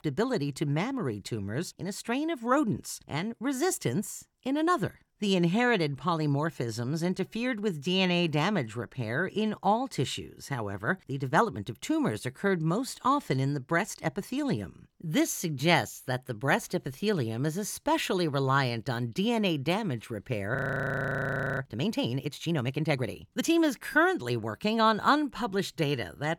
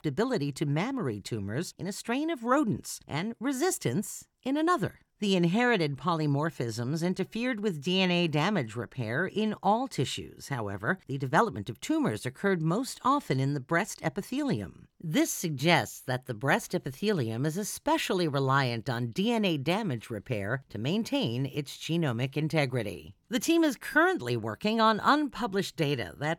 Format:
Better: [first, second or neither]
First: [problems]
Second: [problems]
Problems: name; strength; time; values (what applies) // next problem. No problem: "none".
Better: second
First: audio freezing; at 21 s for 1 s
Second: none